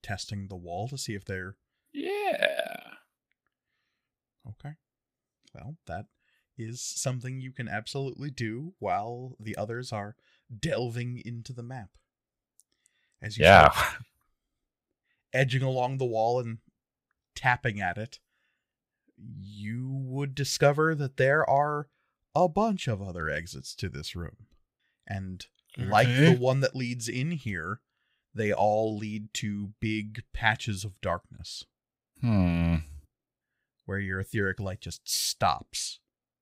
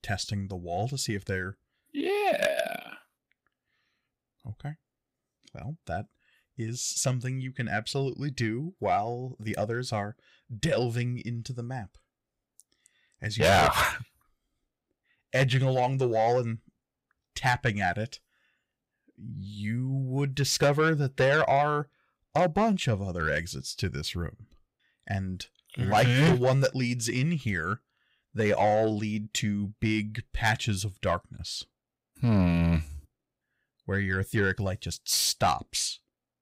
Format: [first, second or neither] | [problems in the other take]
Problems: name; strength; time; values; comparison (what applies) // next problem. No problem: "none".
first | distortion; heavy; 6 dB below the speech